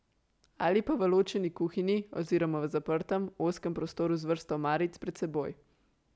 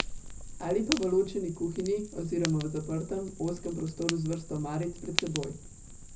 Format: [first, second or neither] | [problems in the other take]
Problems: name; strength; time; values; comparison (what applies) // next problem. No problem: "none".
first | background sound (Fire); 7 dB below the speech // room echo; dies away in 0.4 s